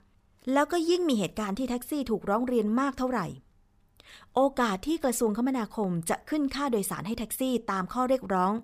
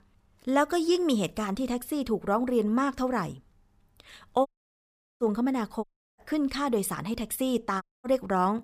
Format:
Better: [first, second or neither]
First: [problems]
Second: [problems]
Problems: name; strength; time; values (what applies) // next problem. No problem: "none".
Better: first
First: none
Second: audio cutting out; at 4.5 s for 0.5 s, at 6 s and at 8 s